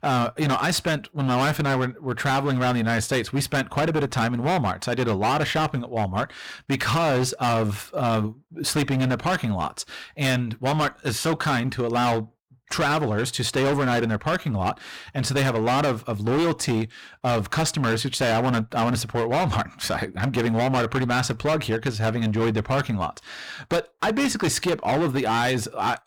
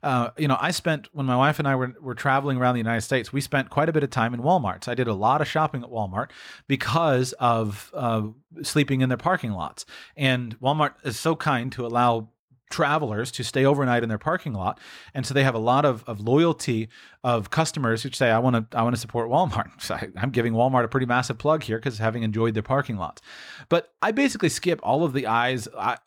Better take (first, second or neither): second